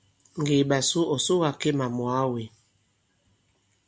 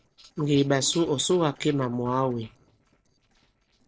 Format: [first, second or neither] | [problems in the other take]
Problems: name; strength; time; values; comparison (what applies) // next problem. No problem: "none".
first | noise reduction (neural separator model SepFormer DNS4)